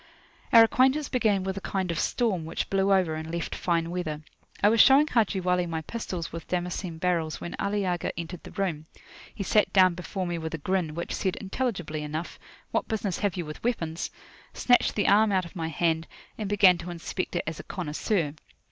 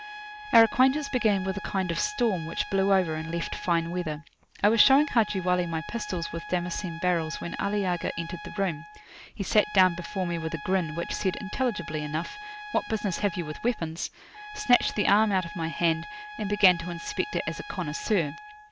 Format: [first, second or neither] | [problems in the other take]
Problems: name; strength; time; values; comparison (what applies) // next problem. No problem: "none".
first | background sound (Trumpet); 13 dB below the speech